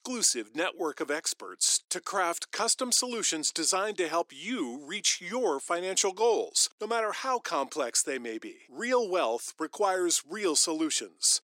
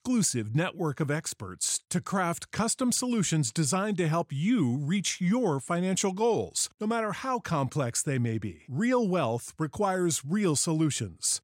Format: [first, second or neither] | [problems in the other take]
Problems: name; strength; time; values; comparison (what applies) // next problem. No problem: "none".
second | thin; very; fading below 300 Hz